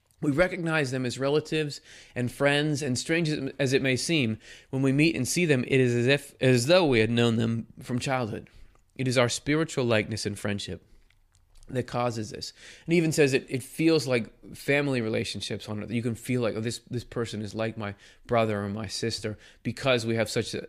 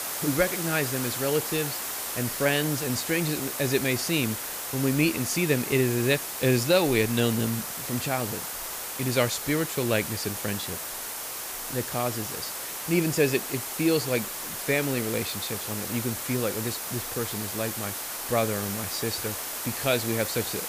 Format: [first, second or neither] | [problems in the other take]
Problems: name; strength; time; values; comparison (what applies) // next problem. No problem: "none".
first | hiss; loud; throughout; 4 dB below the speech